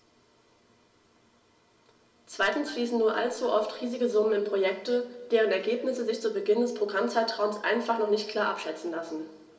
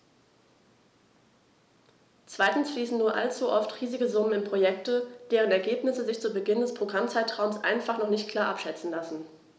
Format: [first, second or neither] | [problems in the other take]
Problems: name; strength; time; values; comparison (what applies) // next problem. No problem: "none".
second | room echo; dies away in 2.5 s